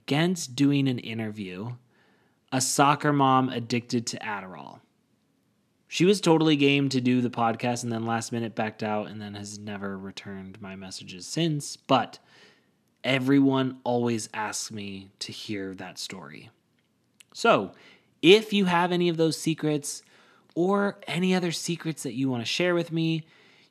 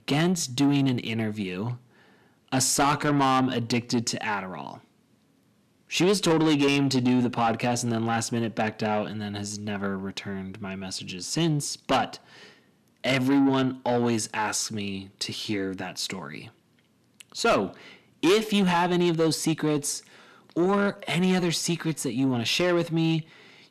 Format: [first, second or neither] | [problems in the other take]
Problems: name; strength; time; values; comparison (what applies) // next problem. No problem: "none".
first | distortion; heavy; 8 dB below the speech